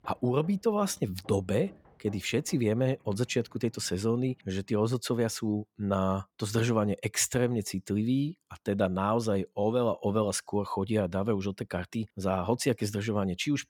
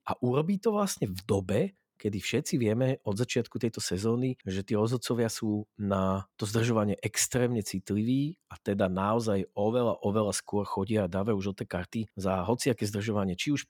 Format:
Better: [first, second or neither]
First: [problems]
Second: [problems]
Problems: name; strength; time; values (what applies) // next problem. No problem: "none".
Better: second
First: machinery noise; faint; until 4.5 s; 30 dB below the speech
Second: none